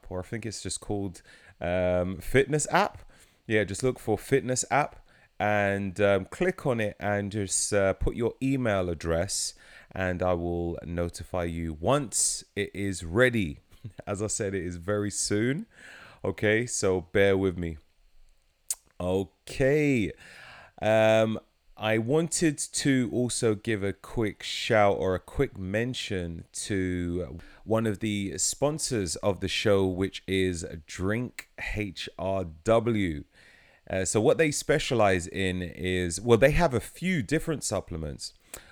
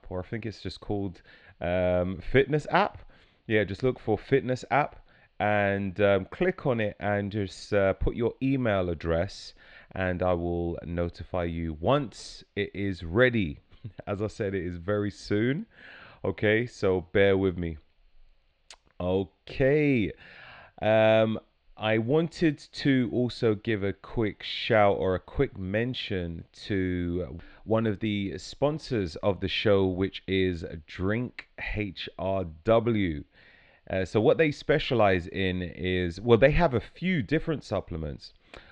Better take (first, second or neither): first